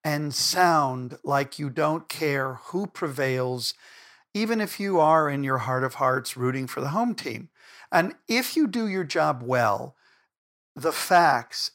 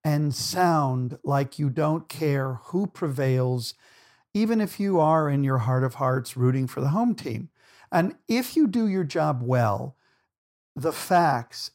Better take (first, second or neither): second